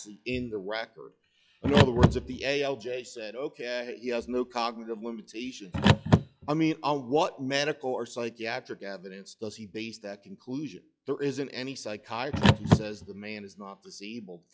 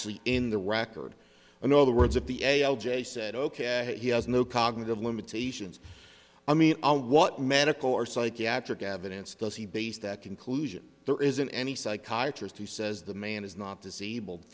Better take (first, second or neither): second